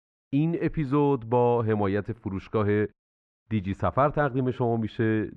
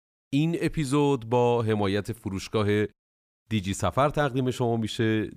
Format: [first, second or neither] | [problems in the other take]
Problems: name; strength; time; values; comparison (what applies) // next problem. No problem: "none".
second | muffled; very; fading above 1.5 kHz